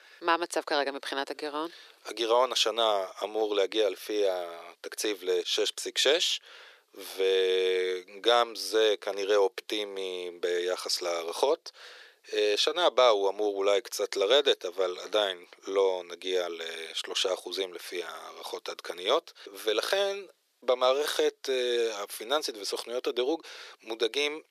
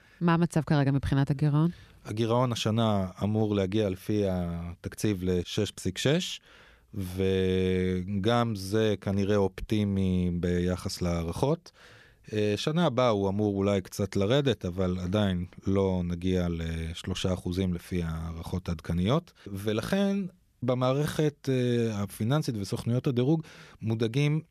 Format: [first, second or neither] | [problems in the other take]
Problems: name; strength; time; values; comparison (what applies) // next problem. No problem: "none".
second | thin; very; fading below 400 Hz